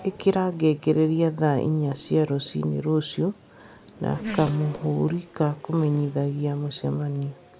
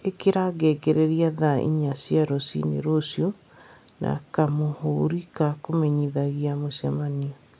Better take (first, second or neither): second